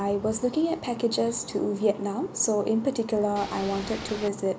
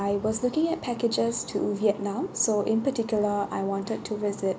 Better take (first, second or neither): second